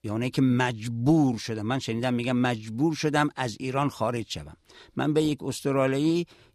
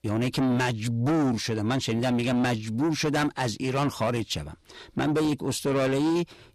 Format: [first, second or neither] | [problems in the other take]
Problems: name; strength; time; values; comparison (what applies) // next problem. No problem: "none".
first | distortion; heavy; 7 dB below the speech